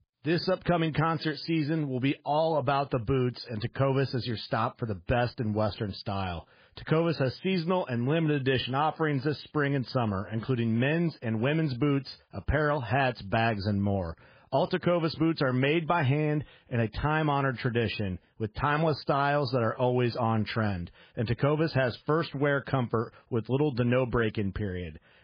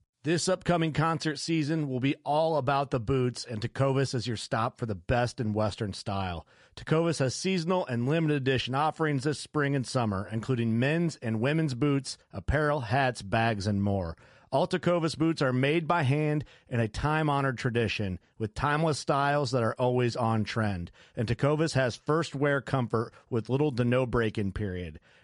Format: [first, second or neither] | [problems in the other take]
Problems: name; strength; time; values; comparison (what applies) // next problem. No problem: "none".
second | garbled, watery; badly; slightly in the second